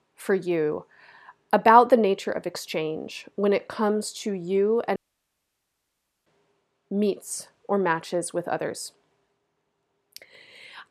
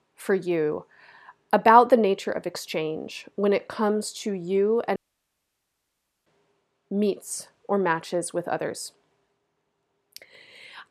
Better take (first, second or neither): neither